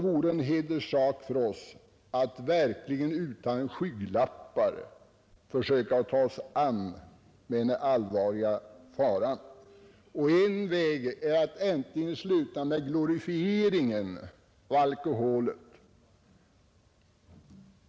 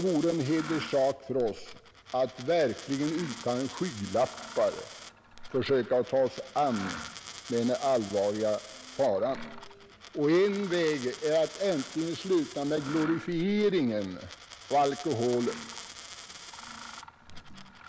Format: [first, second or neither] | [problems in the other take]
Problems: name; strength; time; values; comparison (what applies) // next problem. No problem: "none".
first | background sound (Mechanisms + Coin (dropping)); 14 dB below the speech